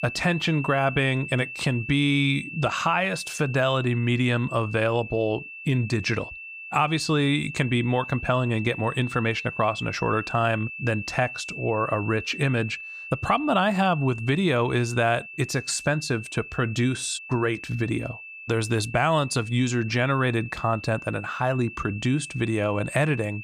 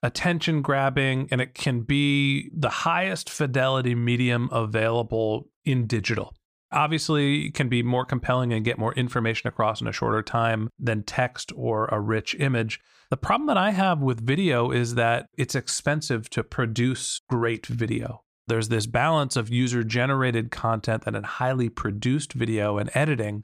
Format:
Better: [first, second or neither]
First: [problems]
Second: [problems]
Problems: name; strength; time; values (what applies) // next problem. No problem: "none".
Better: second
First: high-pitched whine; noticeable; throughout; 2.5 kHz, 10 dB below the speech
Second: none